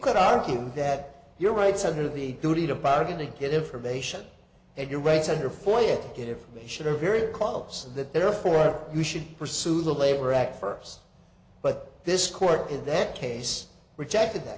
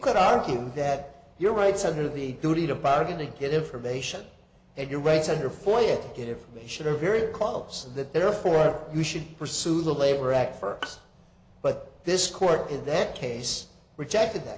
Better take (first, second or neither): first